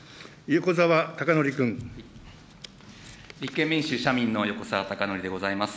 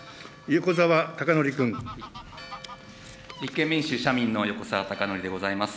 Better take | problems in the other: first | background sound (Fowl + Church bell); 19 dB below the speech

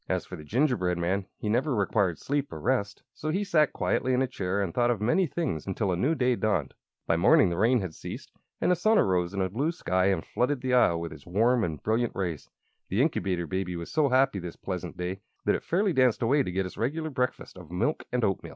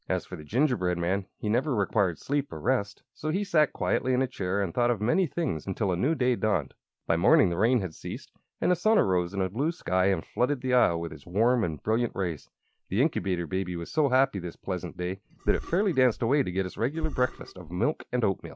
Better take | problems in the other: first | background sound (Burping, eructation); 7 dB below the speech

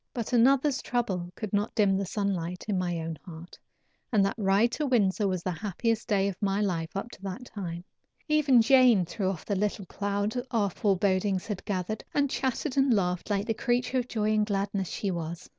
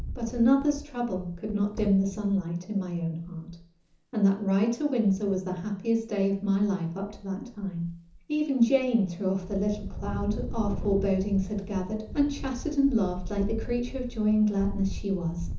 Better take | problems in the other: first | background sound (Wind); 11 dB below the speech // room echo; dies away in 0.7 s

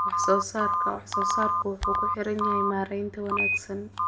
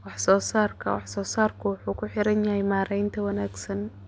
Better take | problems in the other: second | background sound (Telephone); 3 dB above the speech // room echo; dies away in 0.7 s

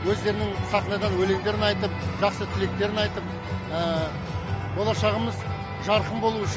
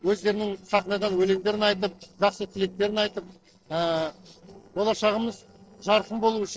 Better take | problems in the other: first | noise reduction (neural separator model SepFormer DNS4)

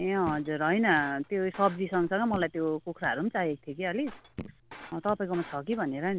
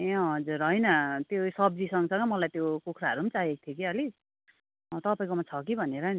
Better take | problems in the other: second | background sound (Shatter + Raindrop / Drip); 18 dB below the speech

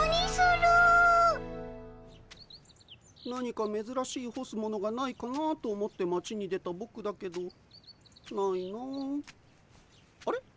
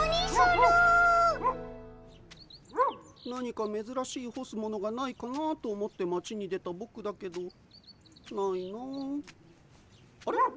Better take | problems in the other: first | background sound (Bark); 6 dB below the speech

